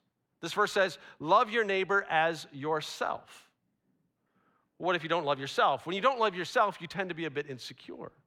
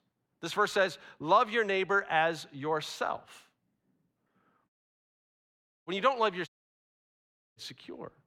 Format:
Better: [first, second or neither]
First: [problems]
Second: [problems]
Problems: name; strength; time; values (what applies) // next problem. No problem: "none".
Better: first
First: none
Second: audio cutting out; at 4.5 s for 1 s and at 6.5 s for 1 s